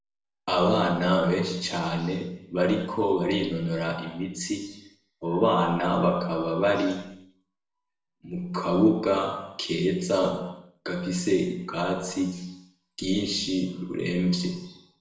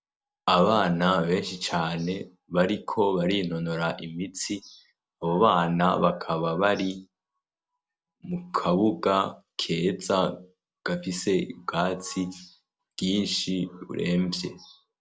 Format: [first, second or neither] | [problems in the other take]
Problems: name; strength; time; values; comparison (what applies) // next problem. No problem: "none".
second | room echo; dies away in 0.8 s